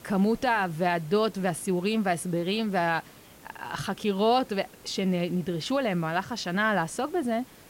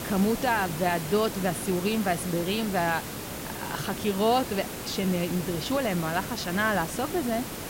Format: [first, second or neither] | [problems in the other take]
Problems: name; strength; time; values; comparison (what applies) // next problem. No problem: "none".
first | hiss; loud; throughout; 7 dB below the speech; faint in the first